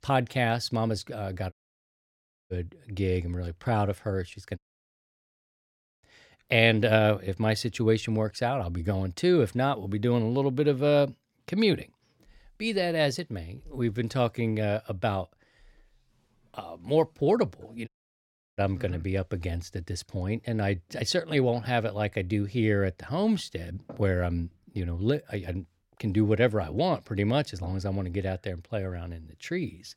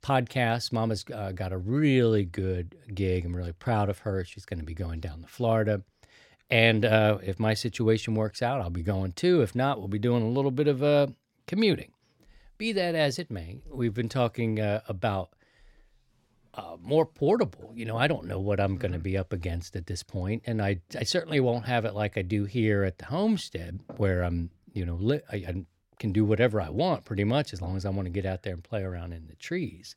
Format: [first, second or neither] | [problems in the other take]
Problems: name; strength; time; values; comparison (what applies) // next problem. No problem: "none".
second | audio cutting out; at 1.5 s for 1 s, at 4.5 s for 1.5 s and at 18 s for 0.5 s